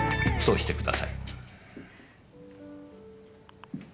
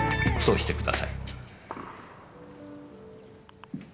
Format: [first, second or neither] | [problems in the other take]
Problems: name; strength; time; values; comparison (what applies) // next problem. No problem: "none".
first | background sound (Gunshot, gunfire); 16 dB below the speech